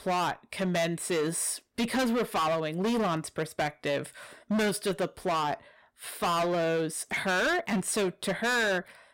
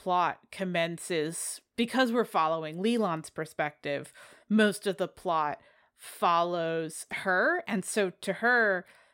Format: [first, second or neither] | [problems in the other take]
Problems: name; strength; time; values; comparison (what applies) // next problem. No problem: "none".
second | distortion; heavy; 19% of the sound clipped